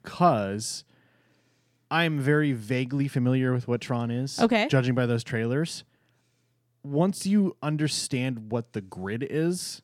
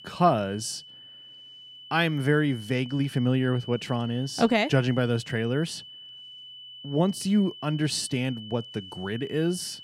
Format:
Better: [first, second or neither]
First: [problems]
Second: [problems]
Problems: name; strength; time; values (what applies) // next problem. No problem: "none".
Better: first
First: none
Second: high-pitched whine; noticeable; throughout; 3 kHz, 15 dB below the speech